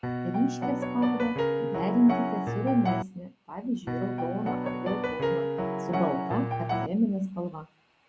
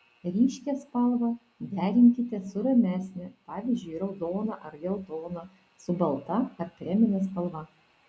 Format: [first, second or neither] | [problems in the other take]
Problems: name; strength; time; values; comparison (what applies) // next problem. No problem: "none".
second | background sound (Piano); as loud as the speech